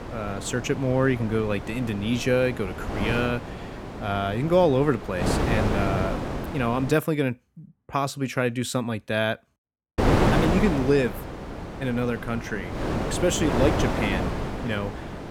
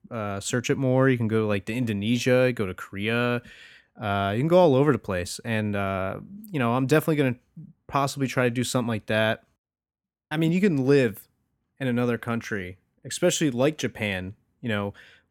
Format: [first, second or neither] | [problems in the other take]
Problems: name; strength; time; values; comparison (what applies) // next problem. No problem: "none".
second | wind noise on the microphone; heavy; until 7 s and from 10 s on; 4 dB below the speech